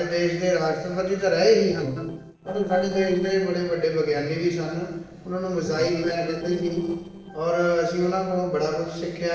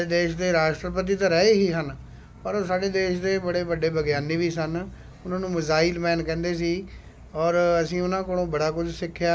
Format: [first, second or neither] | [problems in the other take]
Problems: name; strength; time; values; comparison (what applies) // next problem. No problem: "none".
second | noise reduction (neural separator model SepFormer DNS4)